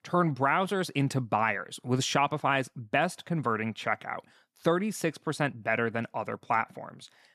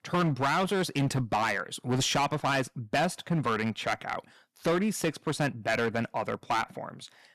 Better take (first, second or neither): first